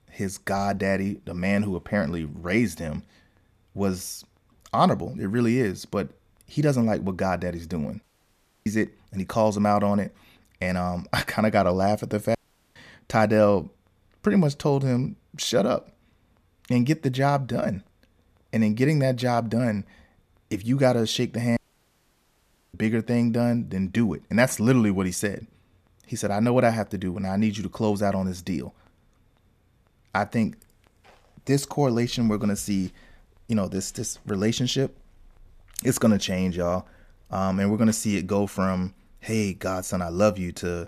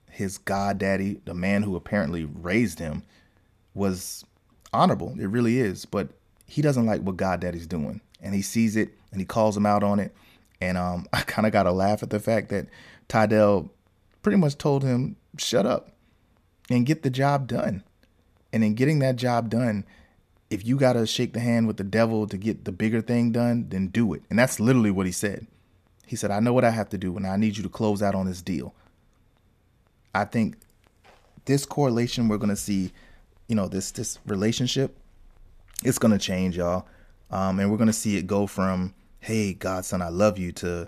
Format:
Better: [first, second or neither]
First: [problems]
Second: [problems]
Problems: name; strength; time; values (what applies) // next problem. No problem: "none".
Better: second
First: audio cutting out; at 8 s for 0.5 s, at 12 s and at 22 s for 1 s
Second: none